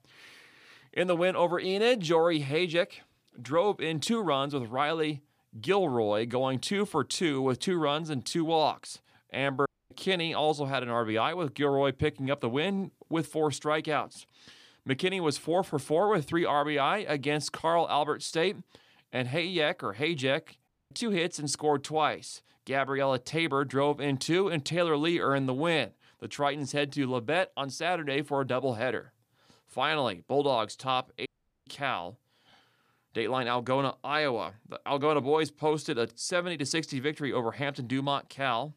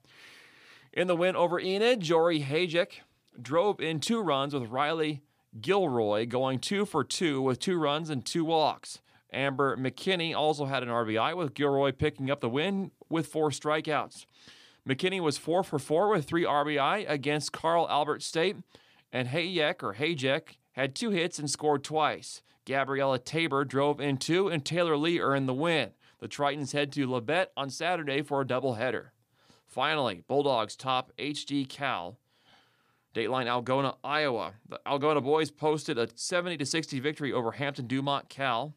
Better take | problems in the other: second | audio cutting out; at 9.5 s, at 21 s and at 31 s

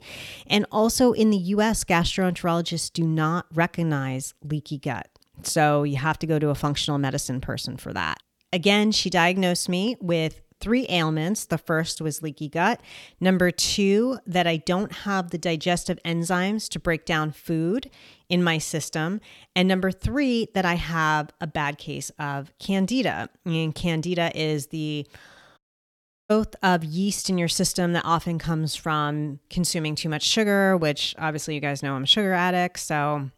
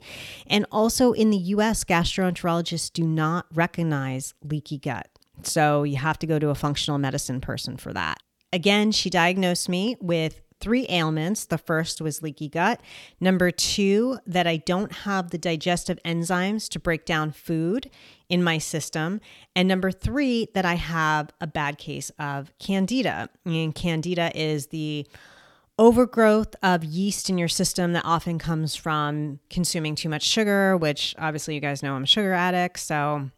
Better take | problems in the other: second | audio cutting out; at 26 s for 0.5 s

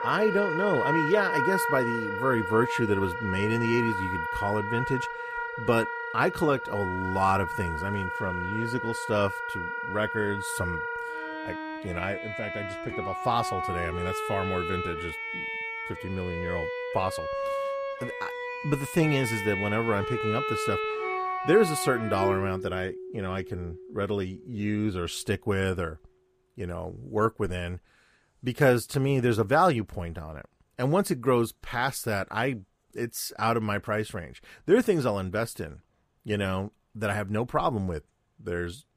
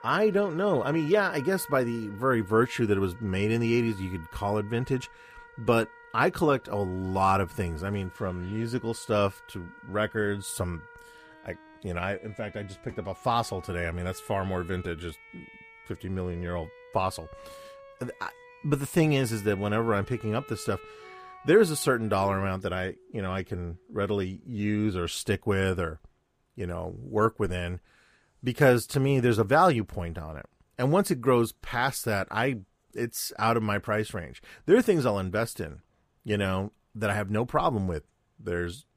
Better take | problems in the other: second | background music; loud; until 26 s; 3 dB below the speech; faint in the second

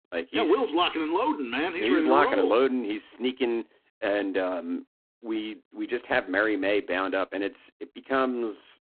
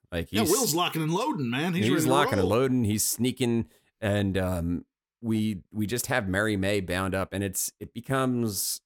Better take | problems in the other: second | phone-call audio; poor line

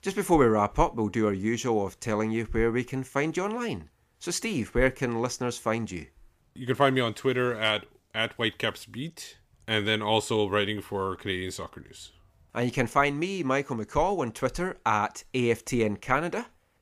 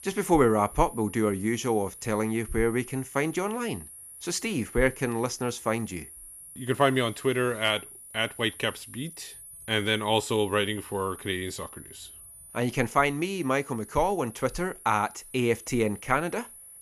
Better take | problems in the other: first | high-pitched whine; noticeable; throughout; 10 kHz, 15 dB below the speech

